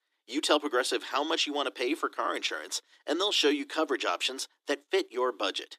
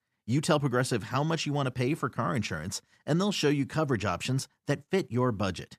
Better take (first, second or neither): second